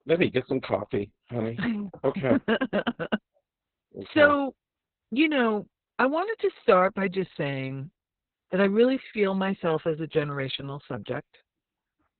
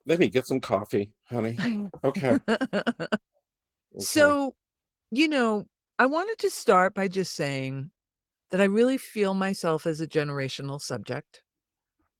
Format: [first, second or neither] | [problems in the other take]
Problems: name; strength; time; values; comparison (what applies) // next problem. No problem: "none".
second | garbled, watery; badly; nothing above 4 kHz; slightly in the second